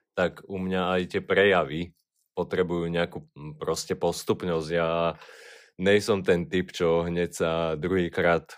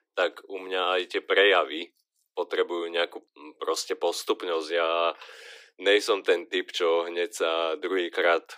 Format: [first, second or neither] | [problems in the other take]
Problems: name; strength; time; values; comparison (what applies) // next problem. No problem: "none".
first | thin; very; fading below 300 Hz